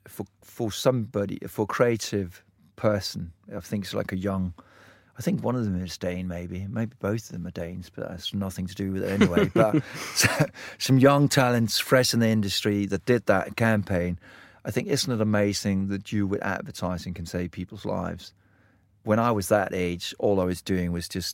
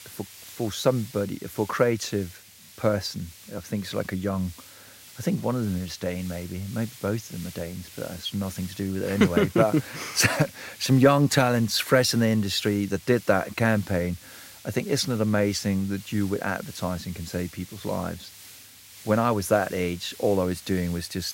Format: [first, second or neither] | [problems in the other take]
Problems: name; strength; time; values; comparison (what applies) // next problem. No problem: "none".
first | hiss; noticeable; throughout; 20 dB below the speech